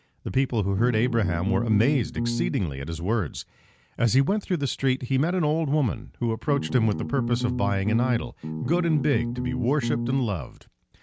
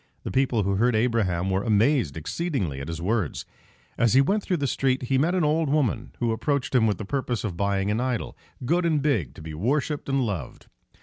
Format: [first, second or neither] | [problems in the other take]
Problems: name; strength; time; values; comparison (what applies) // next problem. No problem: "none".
second | background sound (Bass guitar); 4 dB below the speech